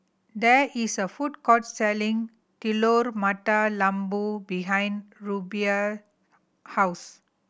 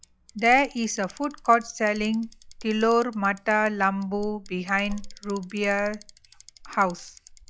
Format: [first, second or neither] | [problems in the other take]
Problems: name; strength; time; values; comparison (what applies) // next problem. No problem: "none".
first | noise reduction (classical method log-MMSE)